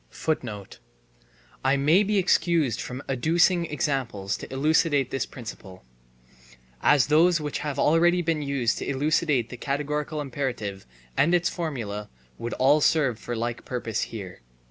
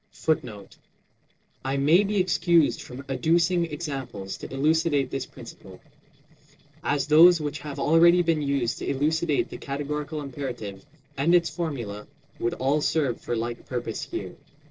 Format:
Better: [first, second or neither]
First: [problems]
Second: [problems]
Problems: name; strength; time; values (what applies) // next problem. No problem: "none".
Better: first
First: none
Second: noise reduction (neural separator model SepFormer DNS4)